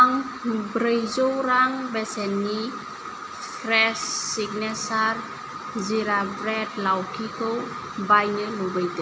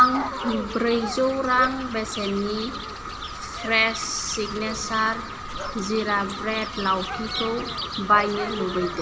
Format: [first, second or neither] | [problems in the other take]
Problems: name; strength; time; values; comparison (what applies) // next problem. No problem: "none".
first | background sound (Chirp, tweet + Dog); 10 dB below the speech